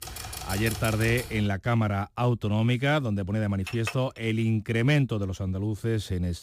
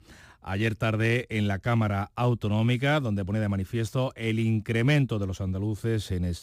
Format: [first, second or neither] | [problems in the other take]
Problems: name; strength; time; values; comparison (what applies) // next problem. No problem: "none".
second | keyboard typing; noticeable; until 1.5 s; peak 7 dB below the speech // clattering dishes; noticeable; at 3.5 s; peak 9 dB below the speech